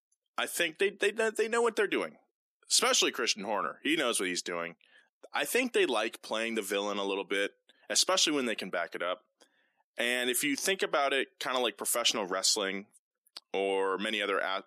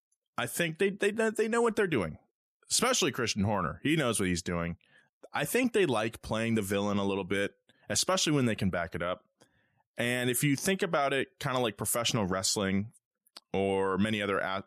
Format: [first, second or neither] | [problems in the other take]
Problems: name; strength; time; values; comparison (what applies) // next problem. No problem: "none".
second | thin; somewhat; fading below 300 Hz